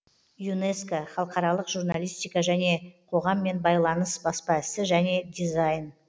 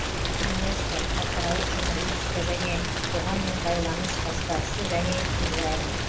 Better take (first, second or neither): first